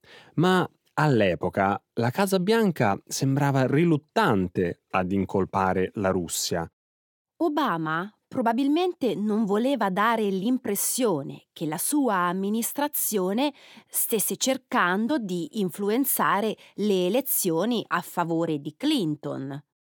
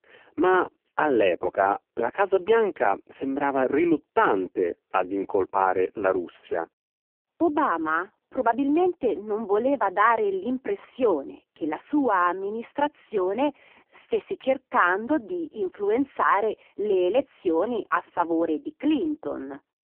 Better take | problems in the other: first | phone-call audio; poor line; nothing above 3 kHz

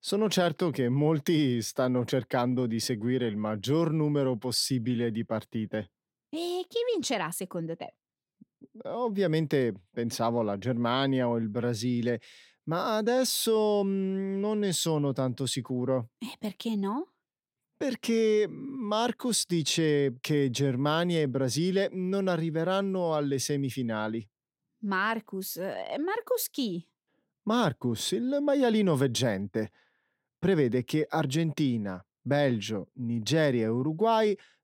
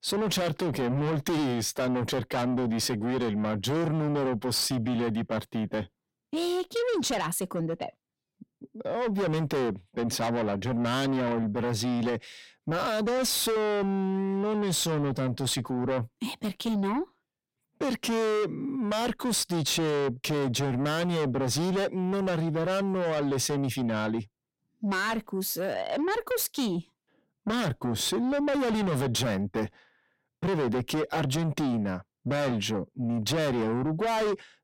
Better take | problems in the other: first | distortion; heavy; 6 dB below the speech

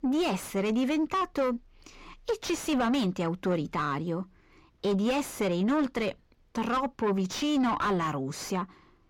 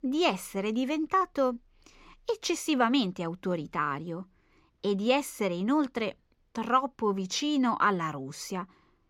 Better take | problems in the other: second | distortion; heavy; 6 dB below the speech

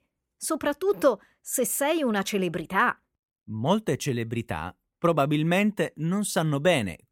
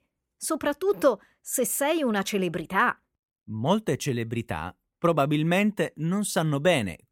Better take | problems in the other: neither | none

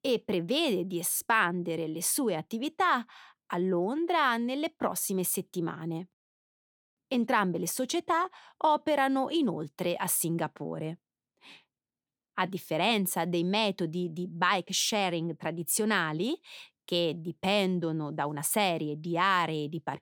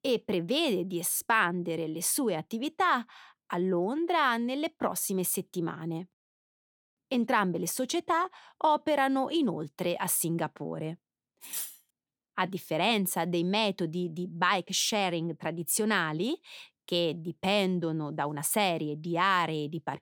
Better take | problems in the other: first | clattering dishes; noticeable; at 11 s; peak 6 dB below the speech

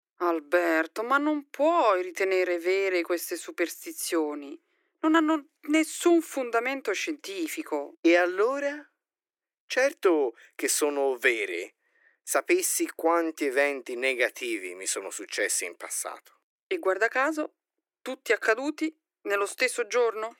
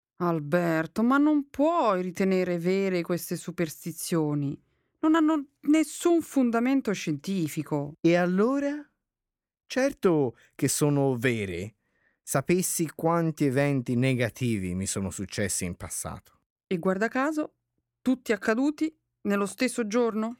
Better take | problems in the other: second | thin; very; fading below 350 Hz

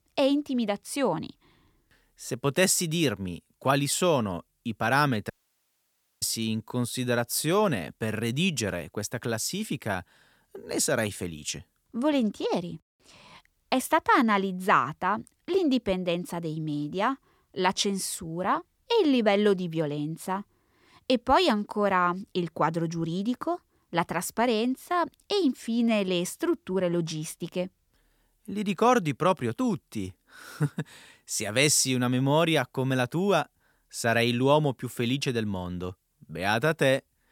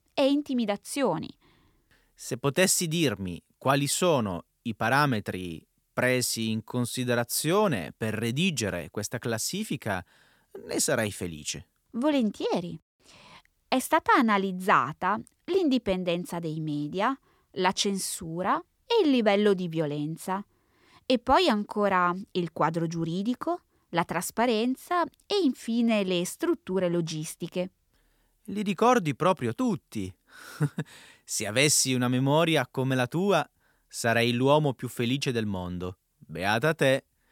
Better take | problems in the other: second | audio cutting out; at 5.5 s for 1 s

